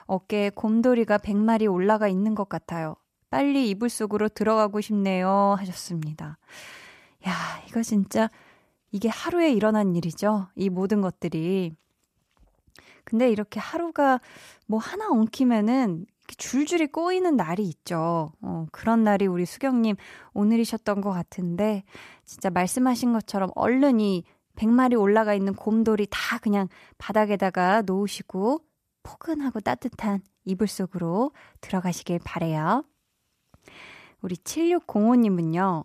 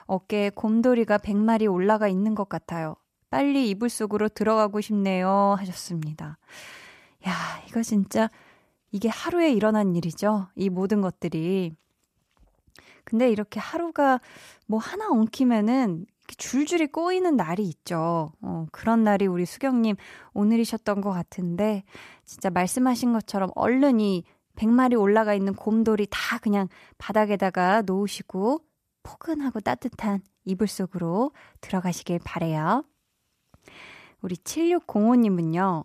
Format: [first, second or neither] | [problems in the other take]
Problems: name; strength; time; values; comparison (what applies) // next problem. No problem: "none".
neither | none